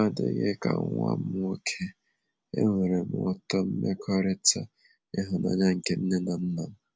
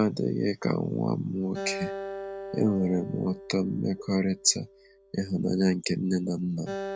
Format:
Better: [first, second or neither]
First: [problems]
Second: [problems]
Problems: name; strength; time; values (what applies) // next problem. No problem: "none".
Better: first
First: none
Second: background sound (Acoustic guitar); 13 dB below the speech